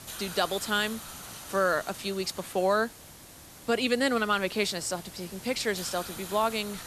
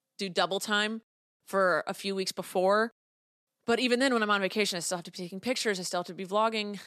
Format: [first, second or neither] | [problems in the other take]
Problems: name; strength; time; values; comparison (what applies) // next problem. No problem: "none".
second | hiss; noticeable; throughout; 15 dB below the speech